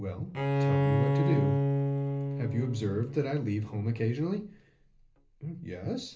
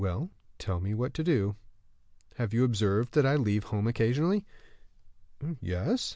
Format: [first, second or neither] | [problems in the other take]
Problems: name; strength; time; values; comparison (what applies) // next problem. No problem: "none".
second | background sound (Bowed string instrument); 2 dB above the speech // room echo; dies away in 0.3 s